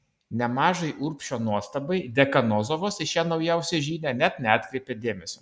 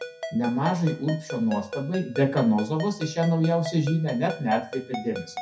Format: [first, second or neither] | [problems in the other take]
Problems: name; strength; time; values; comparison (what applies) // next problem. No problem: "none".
first | background sound (Ringtone); 11 dB below the speech // room echo; dies away in 0.3 s